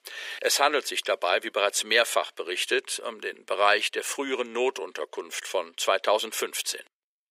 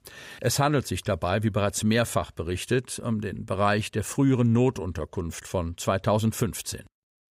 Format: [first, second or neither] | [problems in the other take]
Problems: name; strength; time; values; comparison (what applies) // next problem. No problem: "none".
second | thin; very; fading below 400 Hz